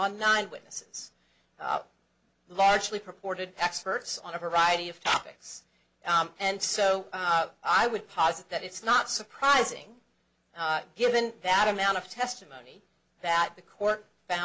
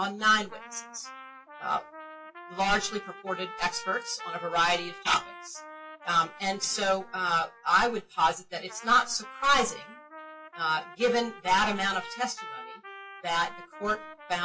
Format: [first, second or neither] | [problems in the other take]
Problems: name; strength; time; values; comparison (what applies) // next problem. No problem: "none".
first | noise reduction (classical method WPE with log-MMSE)